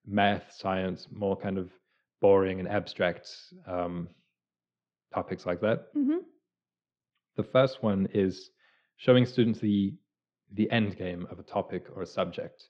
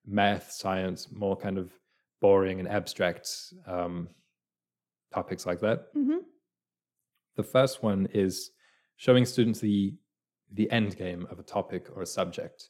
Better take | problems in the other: second | muffled; slightly; fading above 4 kHz

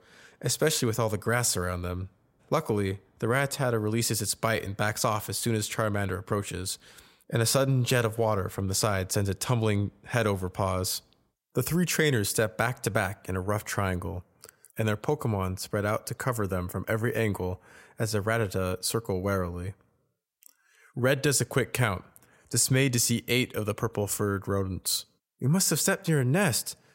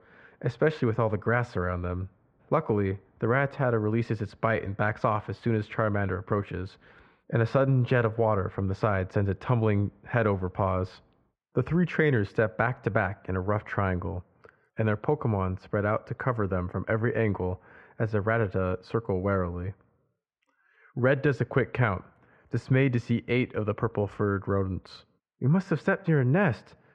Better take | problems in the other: first | muffled; very; fading above 2 kHz

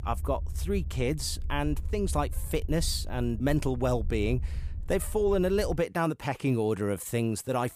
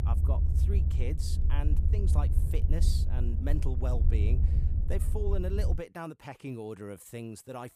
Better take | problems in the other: first | low rumble; loud; until 5.5 s; 5 dB below the speech; faint in the first

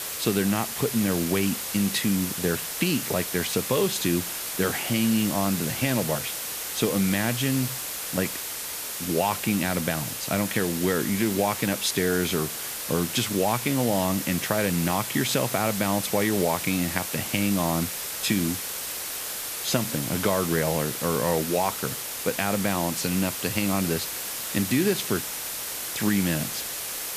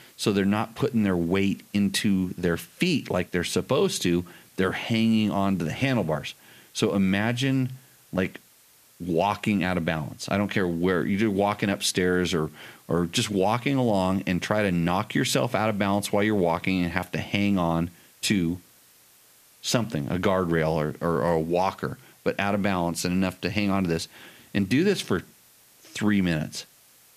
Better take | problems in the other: second | hiss; loud; throughout; 3 dB below the speech; faint in the second

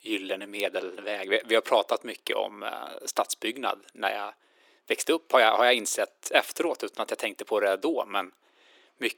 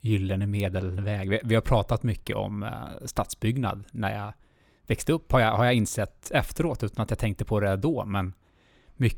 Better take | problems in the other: second | thin; very; fading below 350 Hz

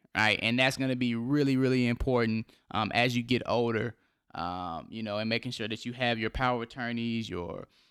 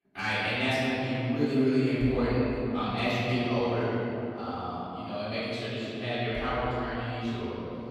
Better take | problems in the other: first | off-mic speech; far // room echo; strong; dies away in 2.8 s

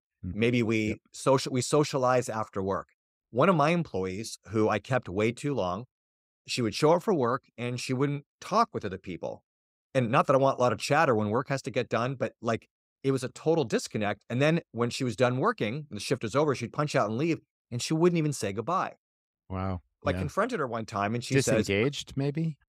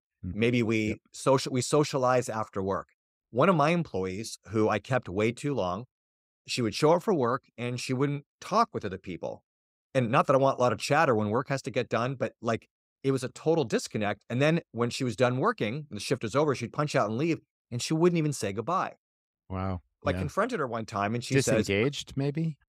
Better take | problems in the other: neither | none

